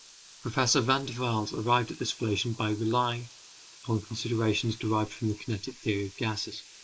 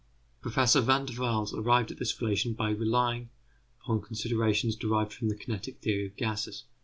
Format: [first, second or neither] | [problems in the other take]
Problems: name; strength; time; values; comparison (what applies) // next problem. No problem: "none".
second | noise reduction (neural mask model Resemble Enhance denoiser)